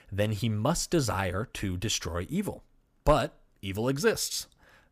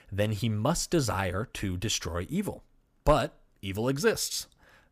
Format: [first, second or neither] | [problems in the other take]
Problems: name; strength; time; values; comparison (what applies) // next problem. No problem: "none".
neither | none